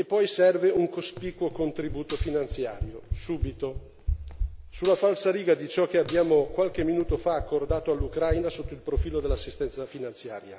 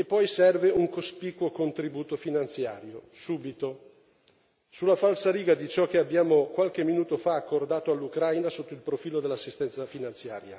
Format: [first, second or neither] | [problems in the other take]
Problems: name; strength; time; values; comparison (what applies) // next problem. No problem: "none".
second | background sound (Cutlery, silverware + Run); 7 dB below the speech